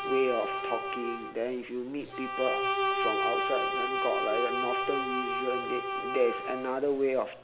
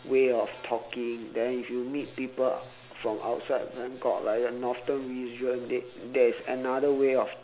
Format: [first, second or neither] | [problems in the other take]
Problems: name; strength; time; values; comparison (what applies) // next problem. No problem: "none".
second | background sound (Bowed string instrument); as loud as the speech